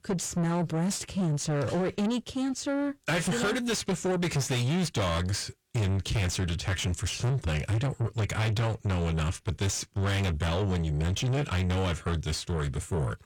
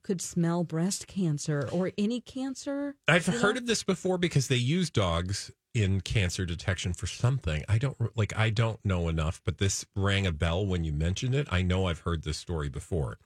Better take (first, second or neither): second